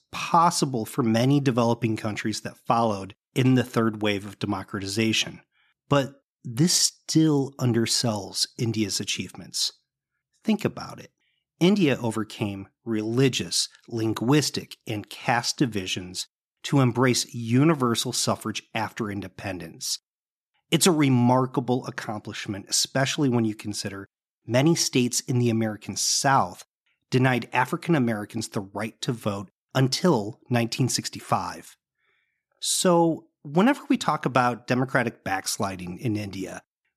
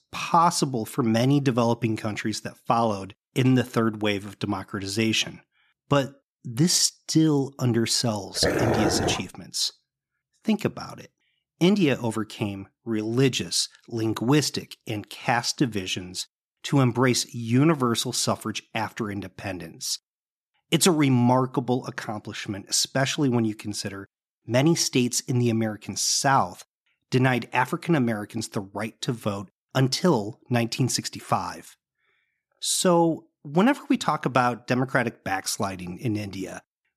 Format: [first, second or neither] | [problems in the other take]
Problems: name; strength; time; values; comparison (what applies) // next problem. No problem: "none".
first | dog barking; loud; at 8.5 s; peak 1 dB above the speech